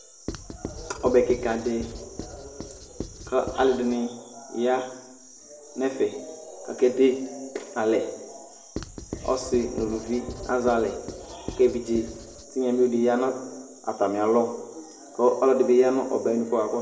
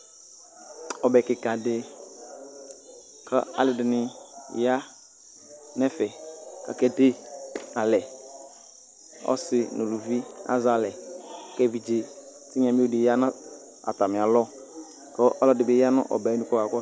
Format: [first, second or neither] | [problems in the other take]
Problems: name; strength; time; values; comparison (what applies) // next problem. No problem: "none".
second | background sound (Writing); 13 dB below the speech // room echo; dies away in 0.6 s